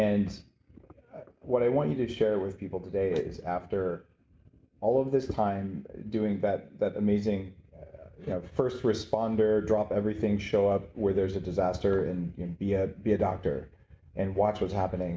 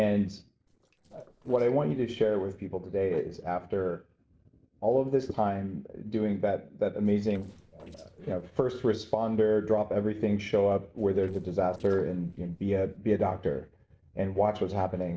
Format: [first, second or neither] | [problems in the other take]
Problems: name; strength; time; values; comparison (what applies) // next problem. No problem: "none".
first | noise reduction (neural separator model SepFormer DNS4)